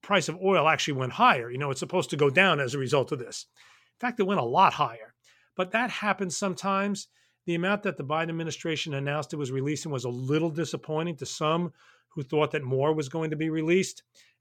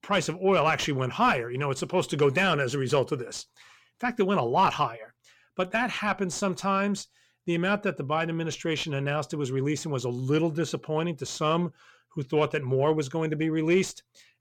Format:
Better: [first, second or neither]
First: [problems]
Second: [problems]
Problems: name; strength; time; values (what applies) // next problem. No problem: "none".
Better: first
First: none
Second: distortion; slight; 10 dB below the speech